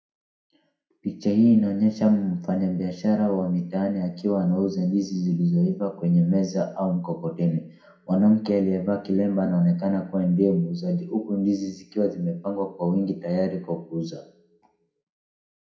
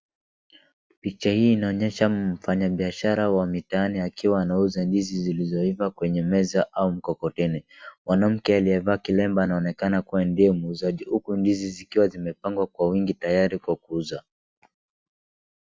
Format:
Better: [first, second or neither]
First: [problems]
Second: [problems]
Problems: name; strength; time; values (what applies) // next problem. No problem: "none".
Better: second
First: room echo; dies away in 0.5 s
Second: none